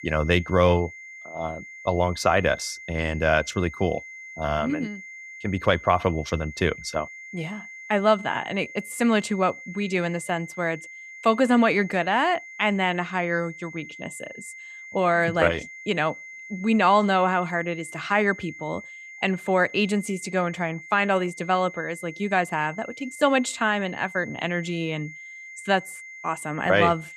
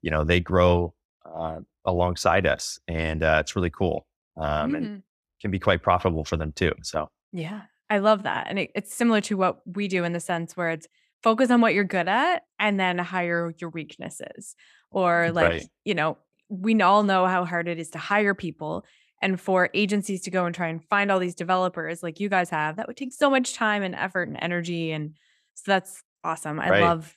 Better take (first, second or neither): second